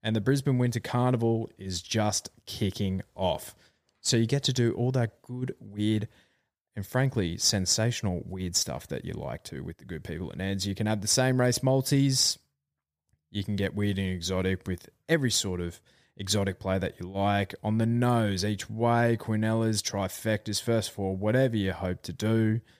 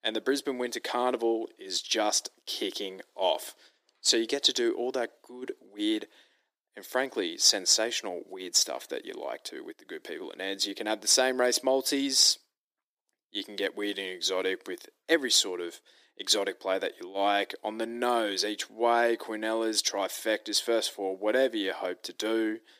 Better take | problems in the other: first | thin; somewhat; fading below 300 Hz

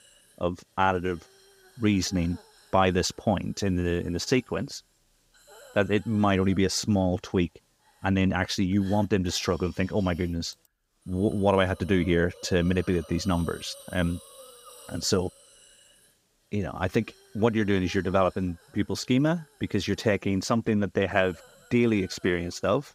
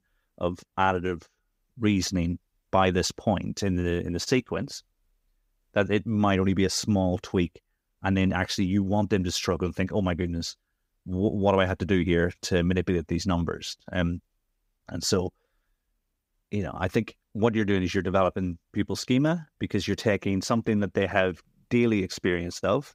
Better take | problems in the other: second | hiss; faint; throughout; 25 dB below the speech

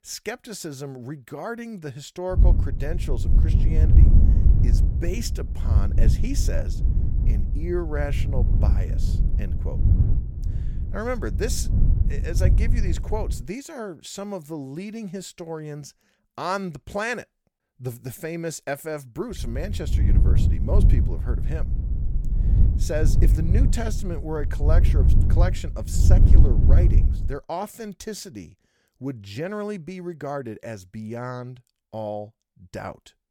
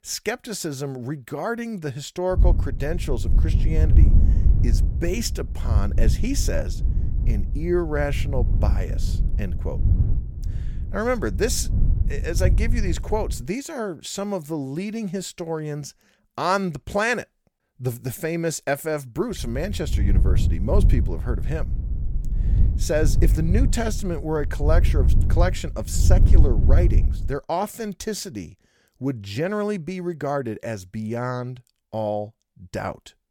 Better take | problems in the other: second | wind noise on the microphone; heavy; from 2.5 to 13 s and from 19 to 27 s; 5 dB below the speech; occasional gusts in the second

